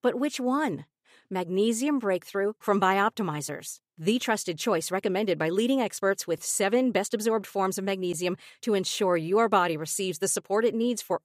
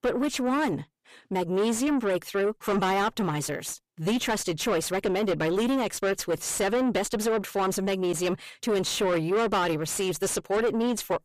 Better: first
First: none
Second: distortion; heavy; 7 dB below the speech

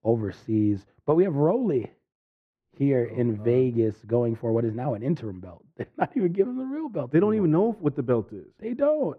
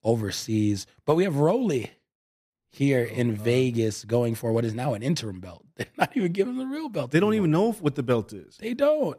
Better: second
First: muffled; very; fading above 3 kHz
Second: none

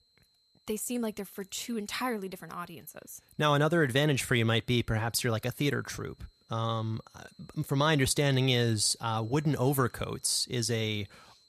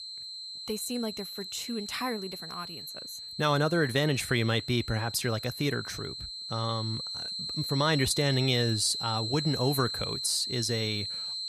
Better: first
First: high-pitched whine; faint; throughout; 4 kHz, 35 dB below the speech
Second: high-pitched whine; loud; throughout; 4 kHz, 5 dB below the speech

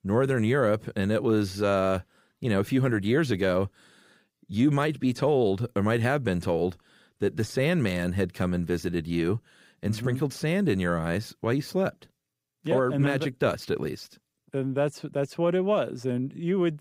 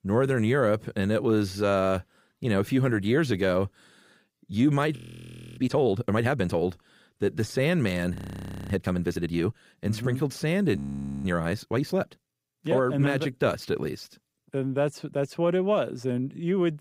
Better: first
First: none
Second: audio freezing; at 5 s for 0.5 s, at 8 s for 0.5 s and at 11 s

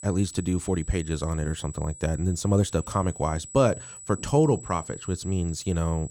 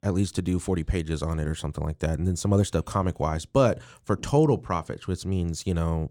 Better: second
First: high-pitched whine; noticeable; throughout; 8 kHz, 15 dB below the speech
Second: none

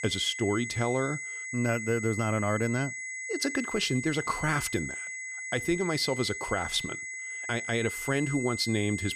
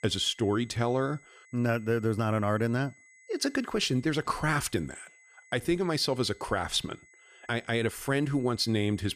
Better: second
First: high-pitched whine; loud; throughout; 2 kHz, 5 dB below the speech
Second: high-pitched whine; faint; throughout; 2 kHz, 25 dB below the speech

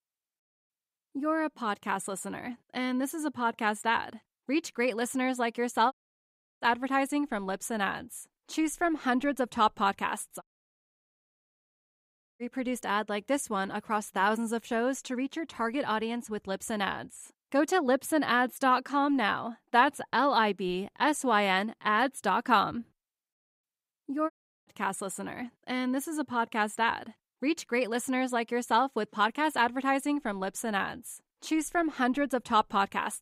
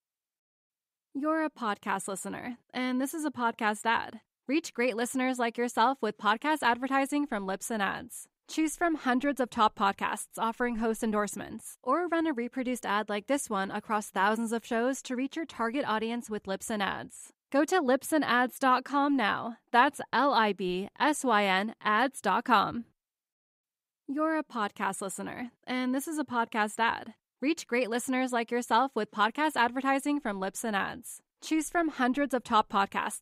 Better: second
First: audio cutting out; at 6 s for 0.5 s, at 10 s for 2 s and at 24 s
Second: none

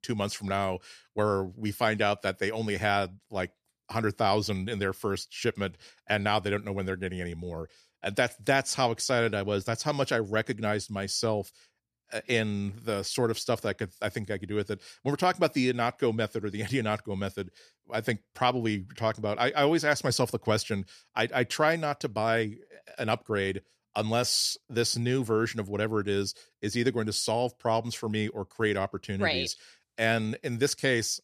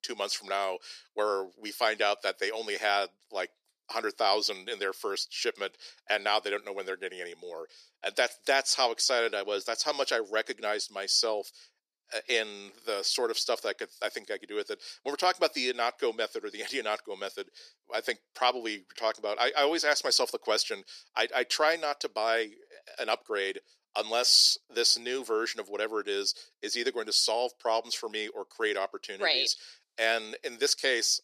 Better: first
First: none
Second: thin; very; fading below 350 Hz

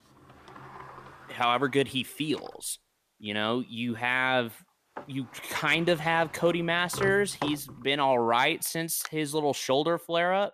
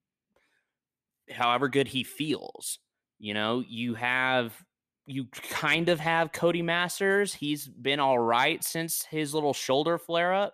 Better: second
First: door banging; noticeable; until 9 s; peak 9 dB below the speech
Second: none

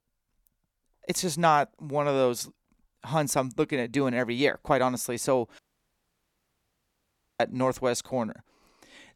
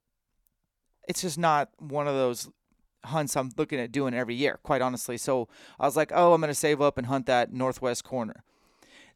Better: second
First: audio cutting out; at 5.5 s for 2 s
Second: none

